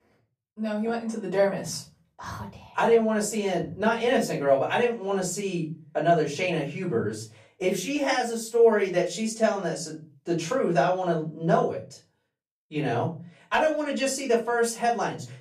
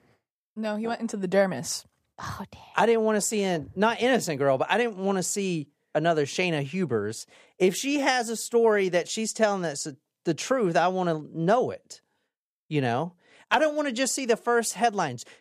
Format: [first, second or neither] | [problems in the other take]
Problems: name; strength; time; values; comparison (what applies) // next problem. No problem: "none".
second | off-mic speech; far // room echo; slight; dies away in 0.3 s